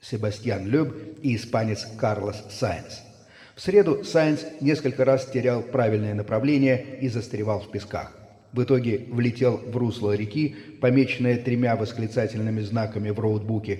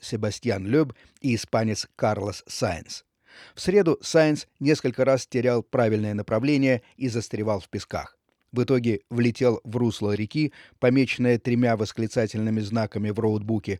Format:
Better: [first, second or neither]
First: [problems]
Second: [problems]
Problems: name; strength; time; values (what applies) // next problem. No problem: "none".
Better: second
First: room echo; slight; dies away in 1.5 s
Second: none